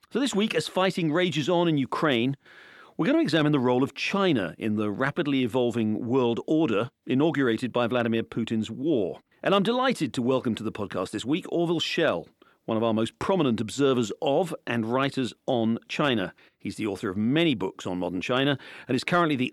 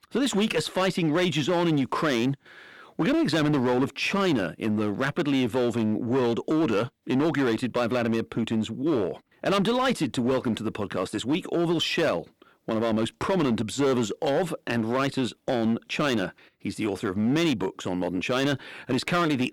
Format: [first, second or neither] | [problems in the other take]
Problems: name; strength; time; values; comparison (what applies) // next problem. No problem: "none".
first | distortion; slight; 12% of the sound clipped